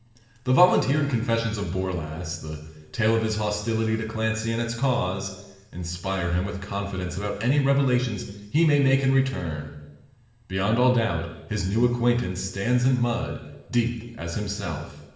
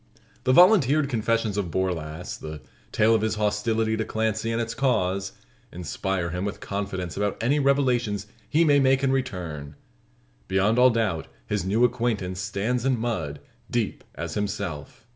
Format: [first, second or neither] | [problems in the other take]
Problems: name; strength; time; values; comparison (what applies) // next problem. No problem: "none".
second | room echo; dies away in 1 s